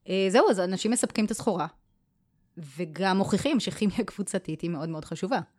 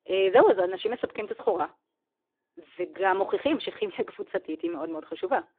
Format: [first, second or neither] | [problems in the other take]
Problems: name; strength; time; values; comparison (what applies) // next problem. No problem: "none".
first | phone-call audio; poor line